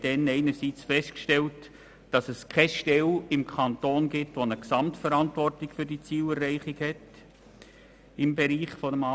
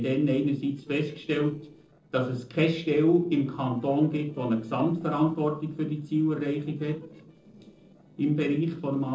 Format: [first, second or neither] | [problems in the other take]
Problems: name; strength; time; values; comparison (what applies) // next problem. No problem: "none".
first | noise reduction (neural separator model SepFormer DNS4)